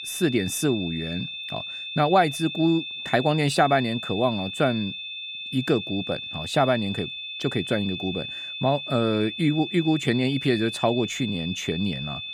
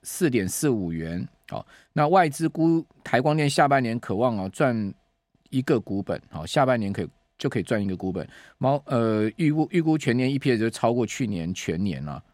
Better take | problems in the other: second | high-pitched whine; loud; throughout; 3.5 kHz, 7 dB below the speech

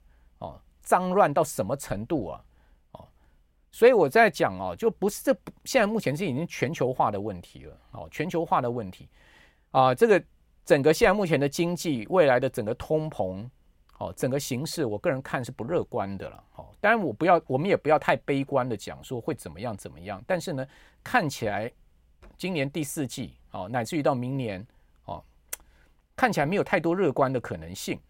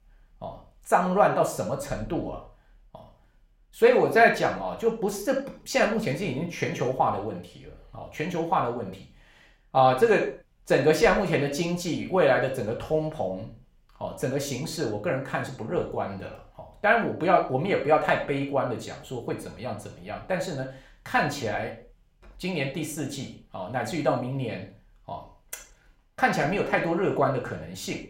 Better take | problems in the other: first | room echo; noticeable; dies away in 0.4 s // off-mic speech; somewhat distant

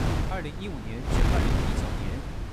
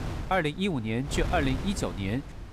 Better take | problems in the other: second | wind noise on the microphone; heavy; 5 dB above the speech; occasional gusts in the second

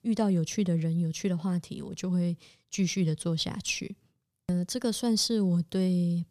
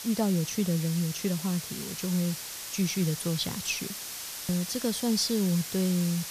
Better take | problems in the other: first | hiss; loud; throughout; 7 dB below the speech

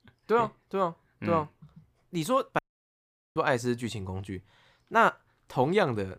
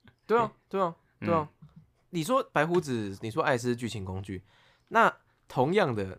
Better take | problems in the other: second | audio cutting out; at 2.5 s for 1 s

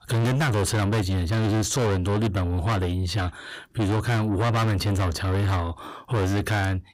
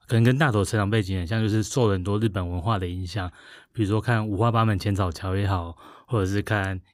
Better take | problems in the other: second | distortion; heavy; 6 dB below the speech

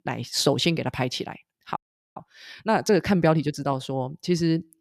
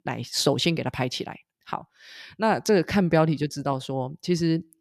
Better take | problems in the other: second | audio freezing; at 2 s

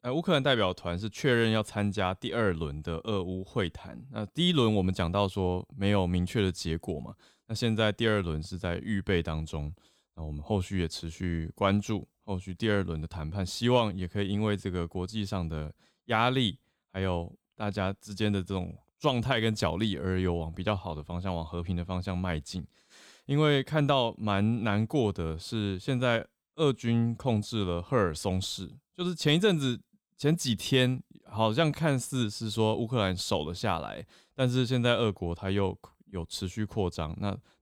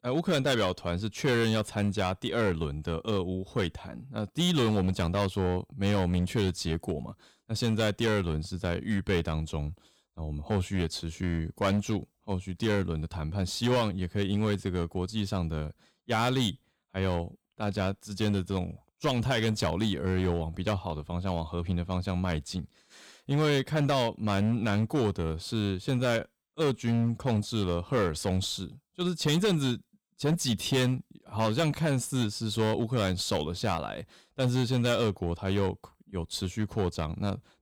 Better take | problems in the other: first | distortion; slight; 7% of the sound clipped

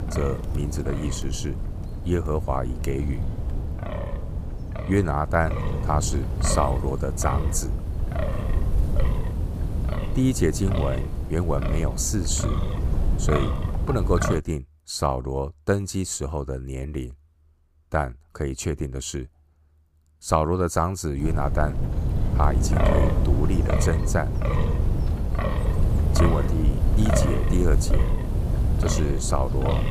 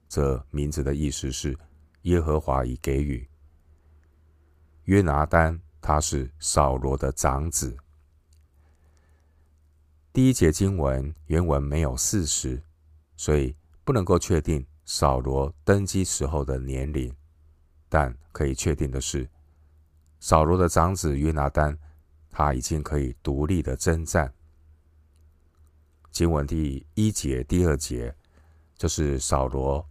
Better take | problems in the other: second | wind noise on the microphone; heavy; until 14 s and from 21 s on; 5 dB below the speech

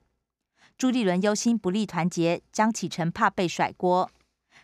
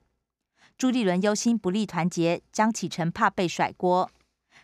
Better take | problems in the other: neither | none

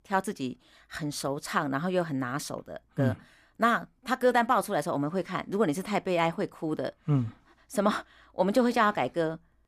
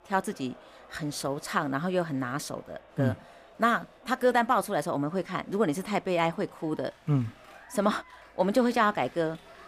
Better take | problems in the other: first | crowd noise; faint; throughout; 25 dB below the speech

